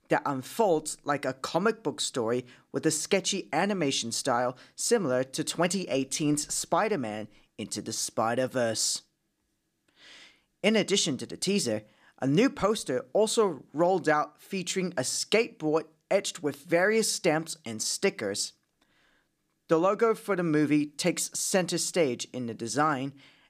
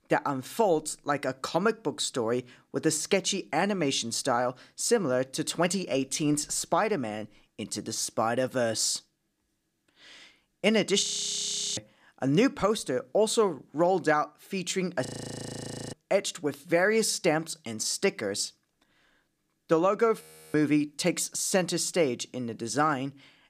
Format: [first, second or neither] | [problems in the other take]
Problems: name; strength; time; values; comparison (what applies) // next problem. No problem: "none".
first | audio freezing; at 11 s for 0.5 s, at 15 s for 1 s and at 20 s